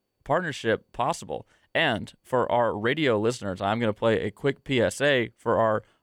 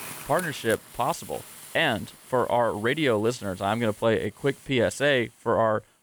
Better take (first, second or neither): first